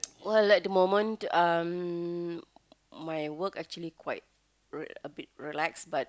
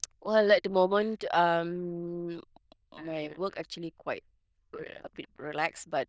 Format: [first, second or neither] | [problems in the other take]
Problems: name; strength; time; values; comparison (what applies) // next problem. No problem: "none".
first | noise reduction (neural diffusion model UNIVERSE++)